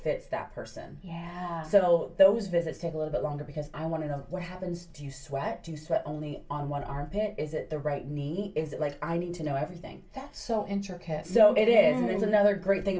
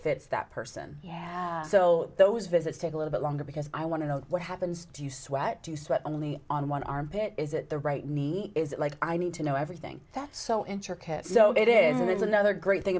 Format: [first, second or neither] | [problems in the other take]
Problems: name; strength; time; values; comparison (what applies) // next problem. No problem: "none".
second | room echo; dies away in 0.2 s